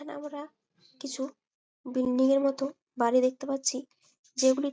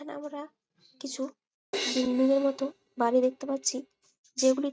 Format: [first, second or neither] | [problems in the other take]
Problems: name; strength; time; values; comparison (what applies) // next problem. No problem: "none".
first | noise reduction (neural mask model RNNoise)